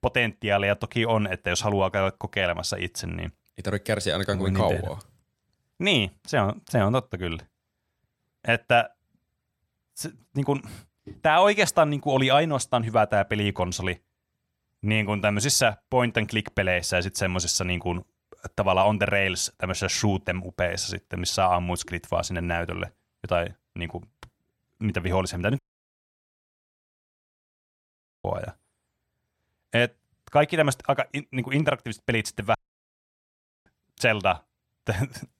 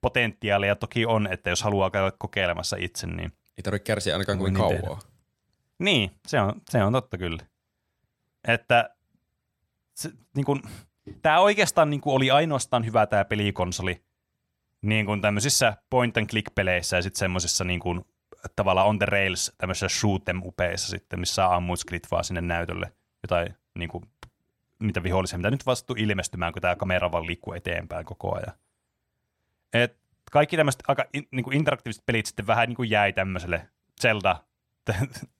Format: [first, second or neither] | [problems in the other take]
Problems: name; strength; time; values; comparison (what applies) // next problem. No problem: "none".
second | audio cutting out; at 26 s for 2.5 s and at 33 s for 1 s